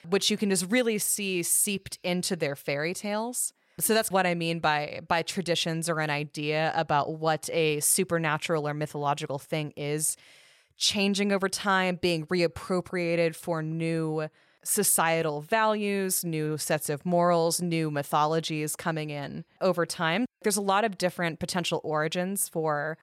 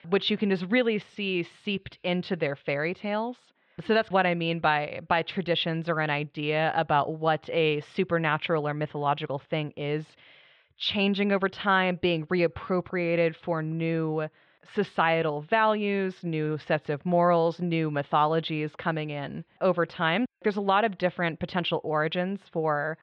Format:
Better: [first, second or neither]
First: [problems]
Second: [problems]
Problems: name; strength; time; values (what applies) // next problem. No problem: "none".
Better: first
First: none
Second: muffled; very; fading above 3.5 kHz